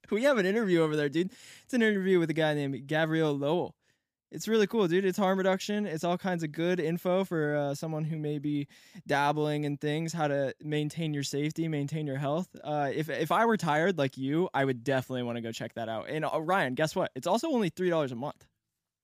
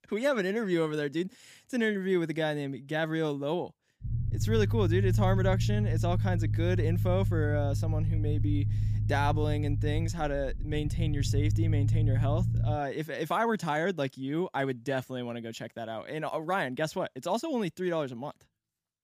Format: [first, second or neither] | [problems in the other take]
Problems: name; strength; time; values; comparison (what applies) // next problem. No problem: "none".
first | low rumble; noticeable; from 4 to 13 s; 10 dB below the speech